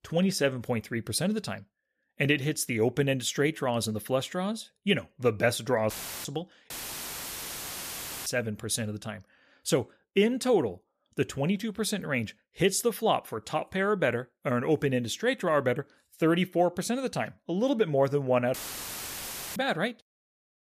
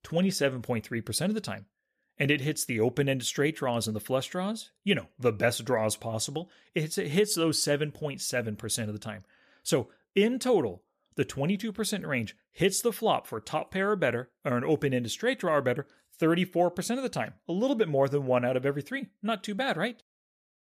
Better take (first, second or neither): second